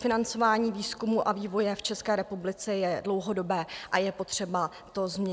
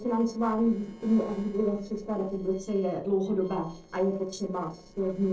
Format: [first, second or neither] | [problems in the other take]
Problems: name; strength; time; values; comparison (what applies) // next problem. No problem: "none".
first | noise reduction (neural separator model SepFormer DNS4)